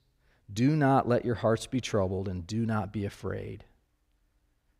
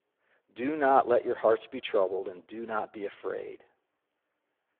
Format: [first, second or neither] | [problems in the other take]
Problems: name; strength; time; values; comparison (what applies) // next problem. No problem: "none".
first | phone-call audio; poor line